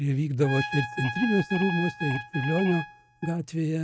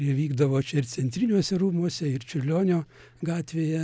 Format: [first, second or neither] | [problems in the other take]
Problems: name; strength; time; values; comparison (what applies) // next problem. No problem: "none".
second | noise reduction (neural mask model RNNoise)